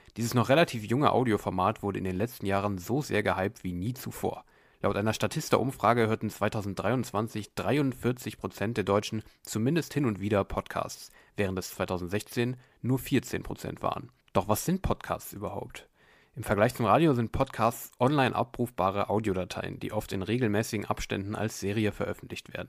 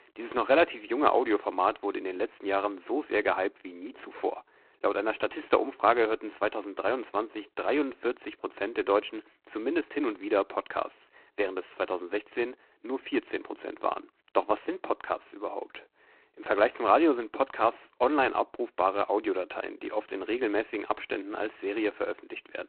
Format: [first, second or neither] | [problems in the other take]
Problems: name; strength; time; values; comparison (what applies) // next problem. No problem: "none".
first | phone-call audio; poor line; nothing above 4 kHz